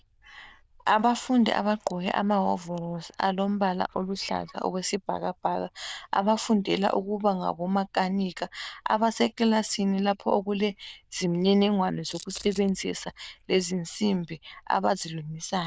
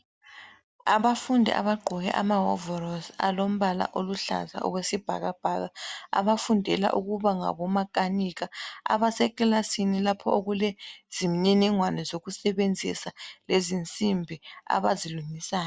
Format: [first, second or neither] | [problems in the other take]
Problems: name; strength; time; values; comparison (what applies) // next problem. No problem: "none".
second | noise reduction (neural diffusion model UNIVERSE++)